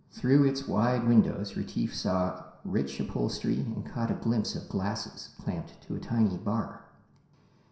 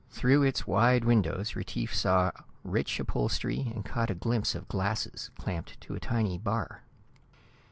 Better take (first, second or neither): second